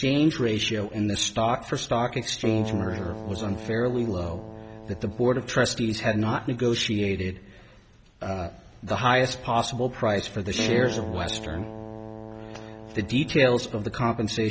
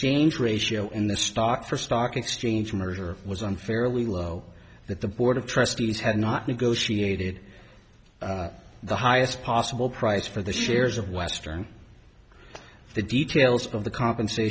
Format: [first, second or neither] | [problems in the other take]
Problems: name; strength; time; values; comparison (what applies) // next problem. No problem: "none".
second | background sound (Keyboard (musical)); 10 dB below the speech